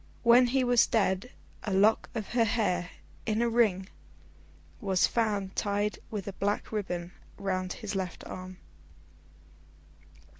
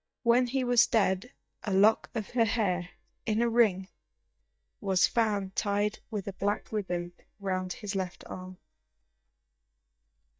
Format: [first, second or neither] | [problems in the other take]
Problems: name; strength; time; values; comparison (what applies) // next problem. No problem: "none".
first | noise reduction (neural mask model DeepFilterNet 3)